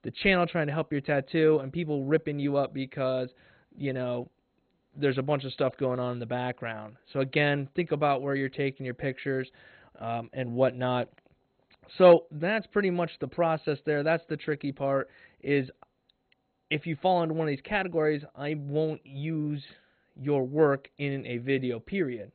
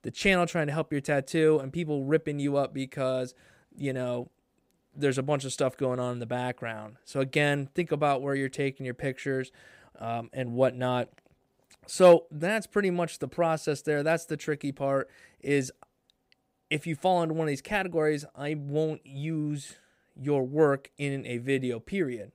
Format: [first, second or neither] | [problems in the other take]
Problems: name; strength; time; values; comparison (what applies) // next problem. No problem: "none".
second | garbled, watery; badly; nothing above 4 kHz